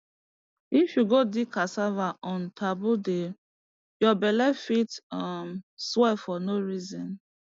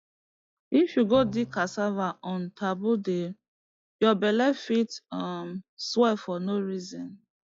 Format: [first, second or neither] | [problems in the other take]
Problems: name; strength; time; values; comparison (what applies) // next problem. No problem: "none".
first | noise reduction (classical method log-MMSE)